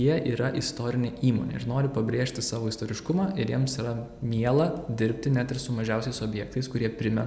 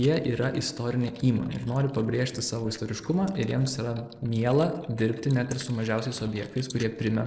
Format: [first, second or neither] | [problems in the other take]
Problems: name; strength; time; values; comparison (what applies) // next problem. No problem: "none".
first | noise reduction (neural mask model Resemble Enhance denoiser)